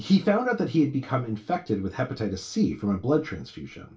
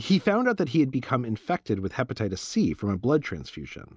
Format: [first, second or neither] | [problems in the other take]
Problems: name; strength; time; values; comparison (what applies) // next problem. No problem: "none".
second | room echo; dies away in 0.3 s